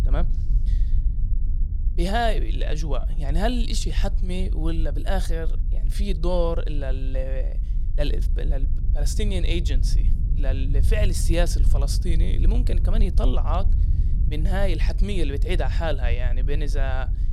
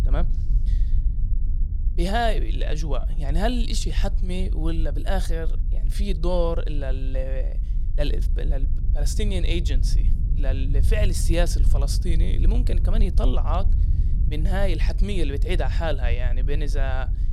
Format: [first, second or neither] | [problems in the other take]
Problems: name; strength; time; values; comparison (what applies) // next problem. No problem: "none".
neither | low rumble; noticeable; throughout; 15 dB below the speech; the same in both